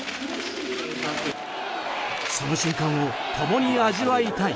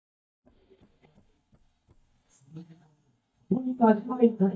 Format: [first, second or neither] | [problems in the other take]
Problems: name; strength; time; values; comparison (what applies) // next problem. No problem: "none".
first | noise reduction (neural mask model DeepFilterNet 3)